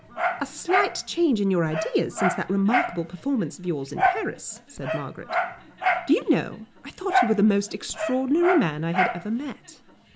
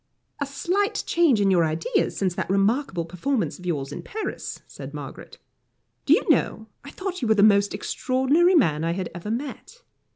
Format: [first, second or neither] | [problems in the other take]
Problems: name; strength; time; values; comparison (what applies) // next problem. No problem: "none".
second | background sound (Dog); 3 dB below the speech